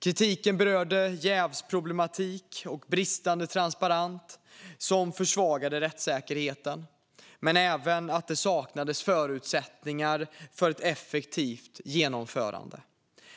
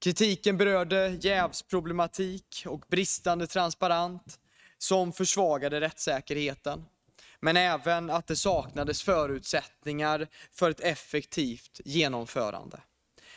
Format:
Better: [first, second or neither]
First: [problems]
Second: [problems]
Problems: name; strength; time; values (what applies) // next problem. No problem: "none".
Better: first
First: none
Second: noise reduction (neural mask model RNNoise)